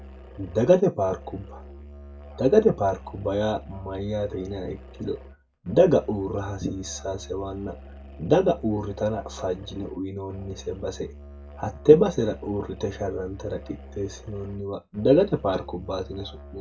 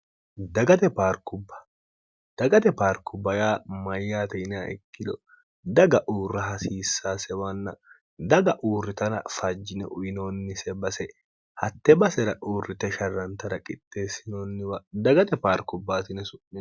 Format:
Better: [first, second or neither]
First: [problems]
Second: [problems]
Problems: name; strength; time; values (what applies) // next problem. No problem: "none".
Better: second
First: background sound (Musical instrument); 17 dB below the speech // room echo; dies away in 0.1 s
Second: none